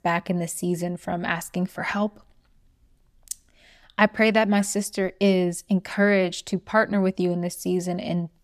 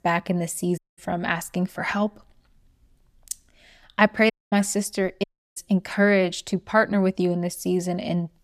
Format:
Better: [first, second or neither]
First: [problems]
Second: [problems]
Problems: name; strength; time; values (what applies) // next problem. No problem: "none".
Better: first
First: none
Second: audio cutting out; at 1 s, at 4.5 s and at 5 s